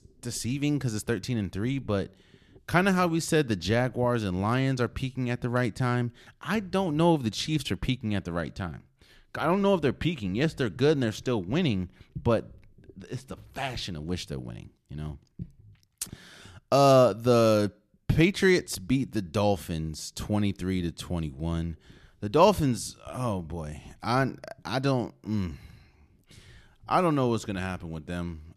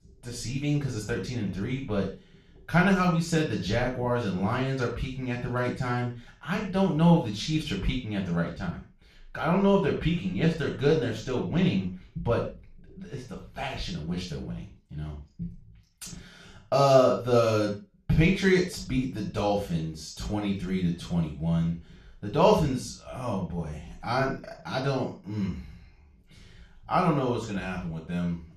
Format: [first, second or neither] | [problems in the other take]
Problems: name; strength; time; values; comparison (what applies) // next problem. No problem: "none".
first | room echo; noticeable; dies away in 0.3 s // off-mic speech; far